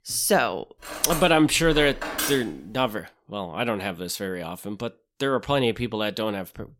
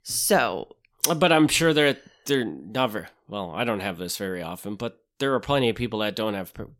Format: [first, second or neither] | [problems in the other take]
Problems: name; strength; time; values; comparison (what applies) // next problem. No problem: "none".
second | clattering dishes; noticeable; from 1 to 2.5 s; peak 3 dB below the speech